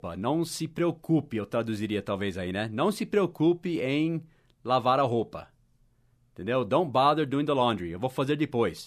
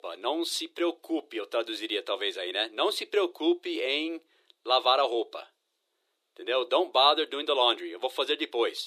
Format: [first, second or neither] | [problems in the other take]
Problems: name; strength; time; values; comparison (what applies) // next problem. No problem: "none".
first | thin; very; fading below 350 Hz